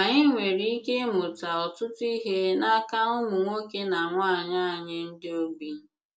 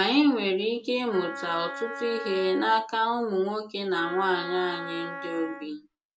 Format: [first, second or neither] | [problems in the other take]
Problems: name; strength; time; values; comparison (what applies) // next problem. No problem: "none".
first | background sound (Wind instrument, woodwind instrument); 11 dB below the speech